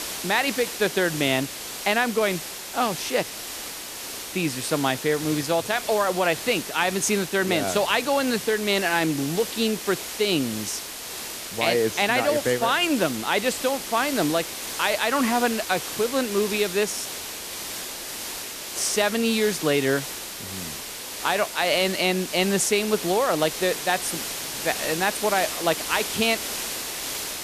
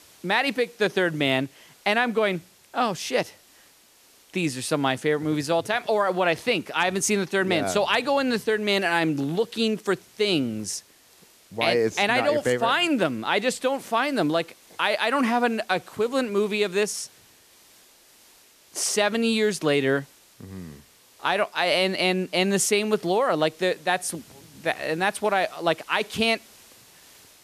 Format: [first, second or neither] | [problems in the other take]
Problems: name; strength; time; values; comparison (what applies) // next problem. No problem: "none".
second | hiss; loud; throughout; 7 dB below the speech; faint in the second